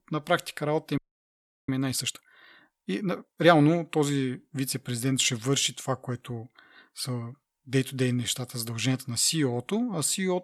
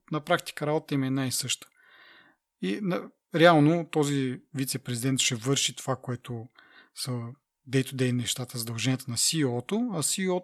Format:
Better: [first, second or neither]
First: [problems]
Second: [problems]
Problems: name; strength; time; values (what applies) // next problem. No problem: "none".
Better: second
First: audio freezing; at 1 s for 0.5 s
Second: none